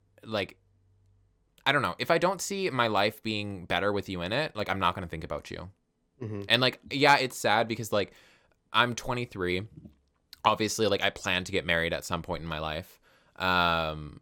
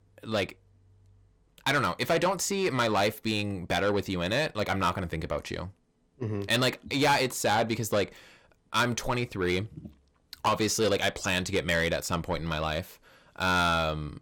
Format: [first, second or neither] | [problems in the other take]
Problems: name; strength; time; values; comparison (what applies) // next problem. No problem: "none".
first | distortion; heavy; 8 dB below the speech